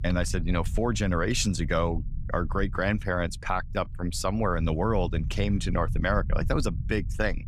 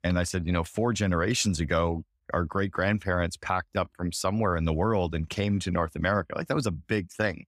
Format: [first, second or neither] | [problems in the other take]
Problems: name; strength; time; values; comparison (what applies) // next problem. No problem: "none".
second | low rumble; faint; throughout; 20 dB below the speech